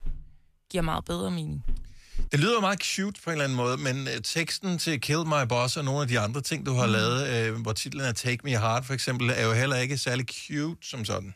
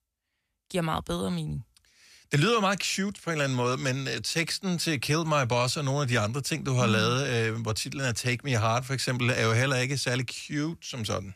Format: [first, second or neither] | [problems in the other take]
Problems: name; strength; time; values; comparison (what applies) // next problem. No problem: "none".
second | footsteps; faint; until 2.5 s; peak 15 dB below the speech